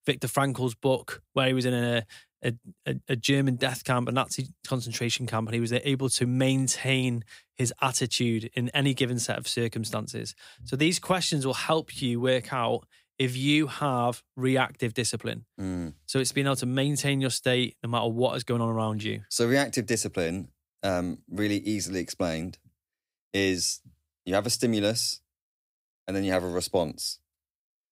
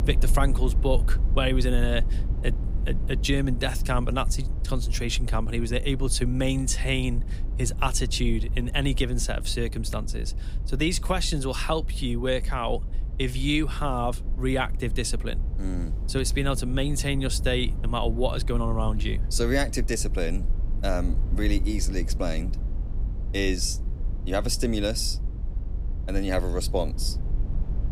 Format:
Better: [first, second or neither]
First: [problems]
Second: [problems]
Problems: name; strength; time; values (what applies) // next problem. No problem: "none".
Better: first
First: none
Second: low rumble; noticeable; throughout; 20 dB below the speech